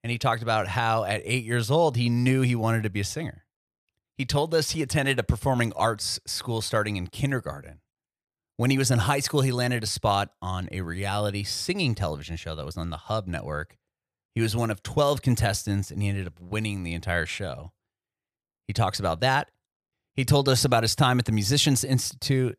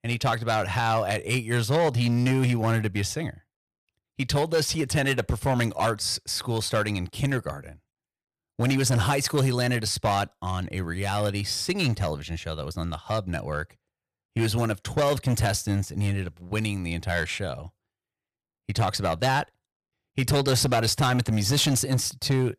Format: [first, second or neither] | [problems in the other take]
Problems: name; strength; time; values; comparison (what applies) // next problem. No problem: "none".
first | distortion; slight; 7% of the sound clipped